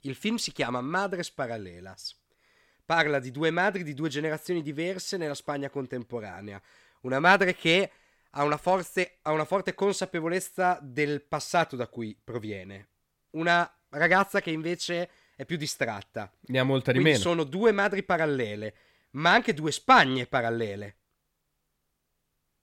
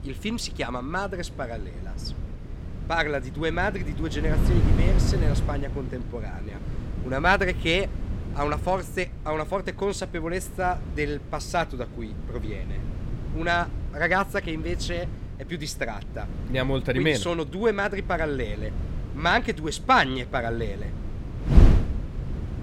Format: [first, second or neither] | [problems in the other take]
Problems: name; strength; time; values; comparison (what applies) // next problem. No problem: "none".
first | wind noise on the microphone; occasional gusts; 15 dB below the speech